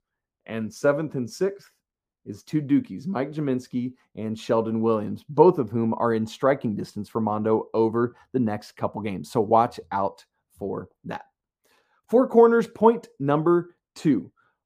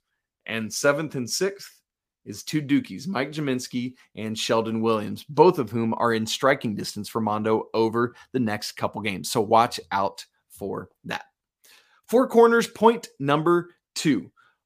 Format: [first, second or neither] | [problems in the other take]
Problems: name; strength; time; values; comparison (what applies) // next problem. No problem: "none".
second | muffled; slightly; fading above 1.5 kHz